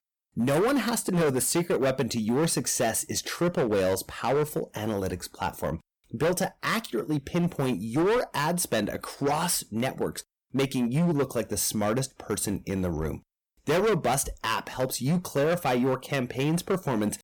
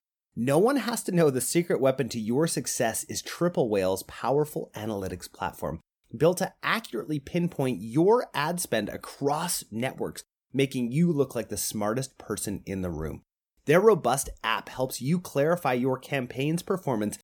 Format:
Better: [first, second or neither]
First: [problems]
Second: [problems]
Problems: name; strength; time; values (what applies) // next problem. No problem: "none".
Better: second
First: distortion; heavy; 13% of the sound clipped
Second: none